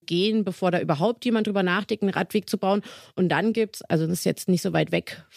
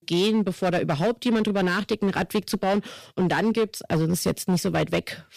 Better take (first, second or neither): first